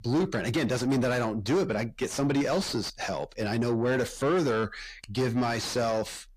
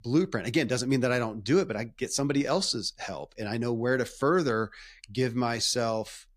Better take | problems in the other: second | distortion; heavy; 7 dB below the speech

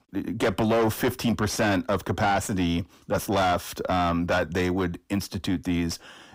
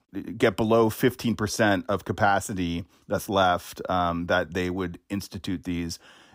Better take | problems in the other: second | distortion; heavy; 6 dB below the speech

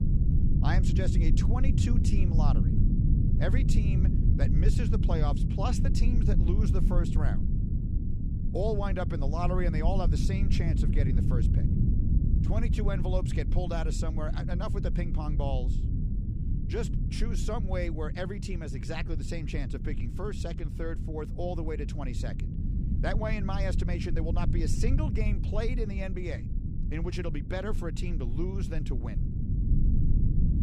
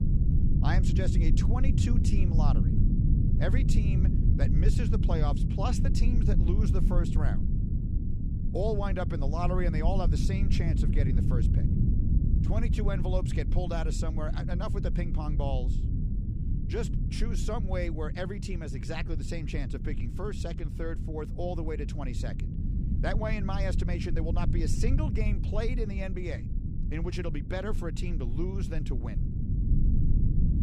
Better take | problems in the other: neither | low rumble; loud; throughout; 4 dB below the speech; the same in both

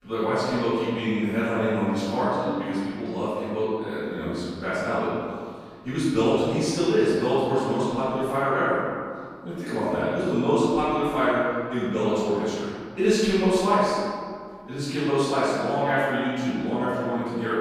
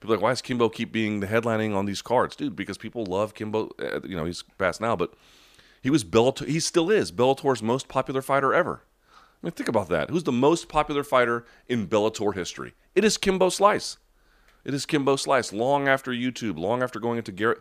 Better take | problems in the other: second | off-mic speech; far // room echo; strong; dies away in 1.9 s

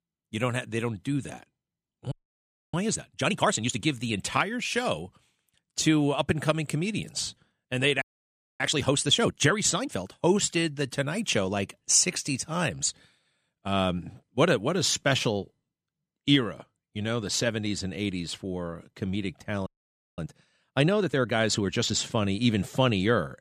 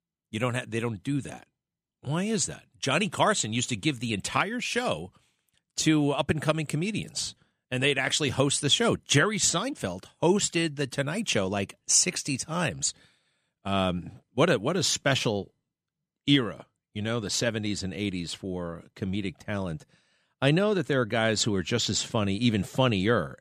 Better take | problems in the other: second | audio freezing; at 2 s for 0.5 s, at 8 s for 0.5 s and at 20 s for 0.5 s

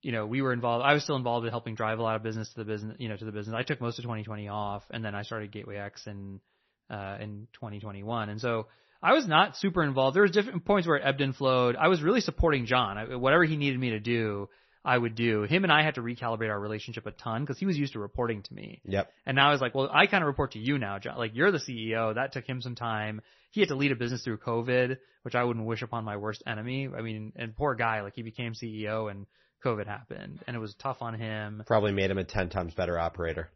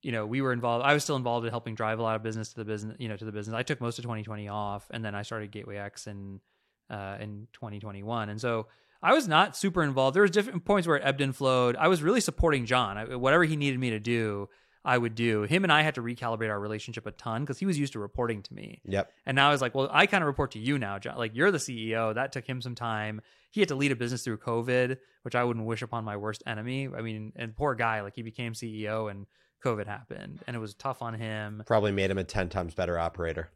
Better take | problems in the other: second | garbled, watery; slightly; nothing above 6 kHz

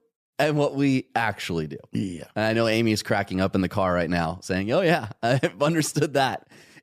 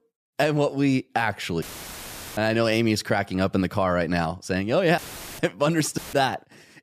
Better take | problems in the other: first | audio cutting out; filled with static; at 1.5 s for 1 s, at 5 s and at 6 s

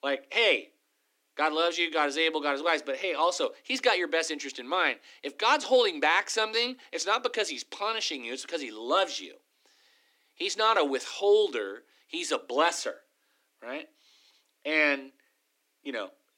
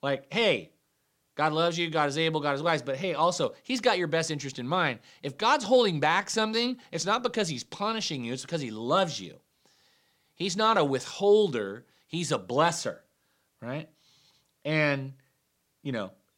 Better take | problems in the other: second | thin; somewhat; fading below 300 Hz

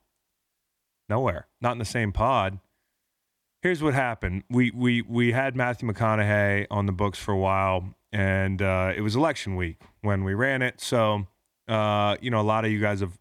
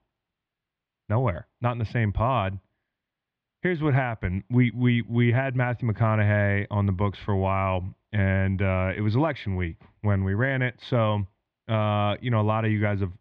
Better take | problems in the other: first | muffled; slightly; fading above 3.5 kHz

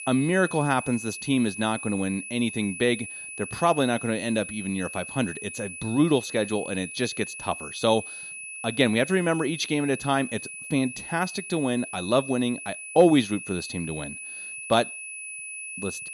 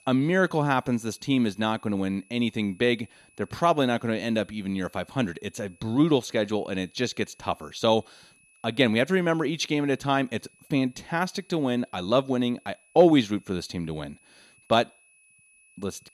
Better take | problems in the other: second | high-pitched whine; loud; throughout; 2.5 kHz, 10 dB below the speech; faint in the second

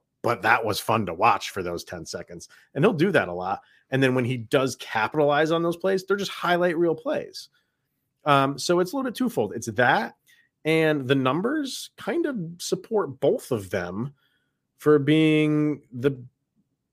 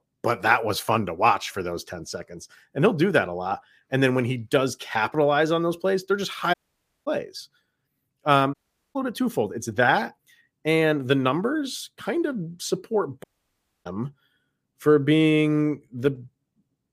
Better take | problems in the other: first | audio cutting out; at 6.5 s for 0.5 s, at 8.5 s and at 13 s for 0.5 s

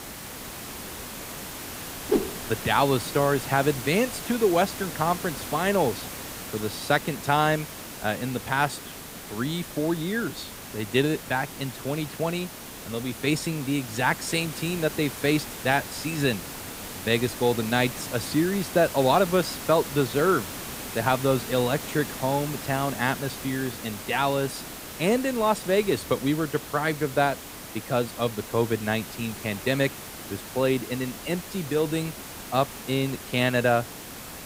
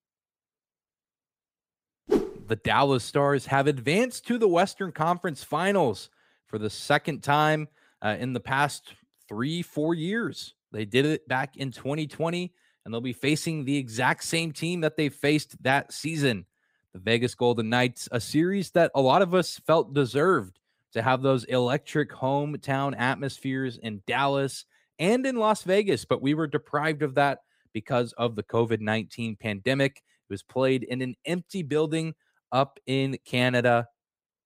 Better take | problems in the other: second | hiss; loud; throughout; 10 dB below the speech

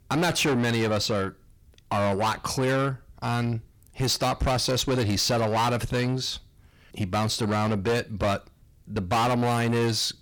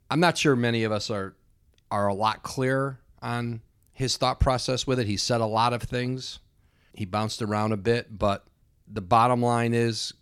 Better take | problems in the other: second | distortion; heavy; 6 dB below the speech

